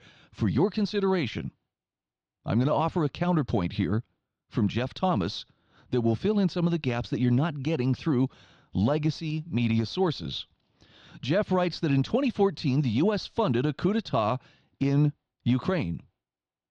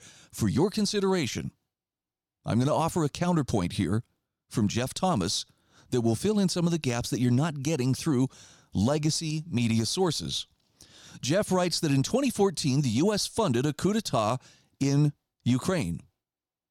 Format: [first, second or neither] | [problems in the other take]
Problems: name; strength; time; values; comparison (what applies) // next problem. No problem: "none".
second | muffled; slightly; fading above 3.5 kHz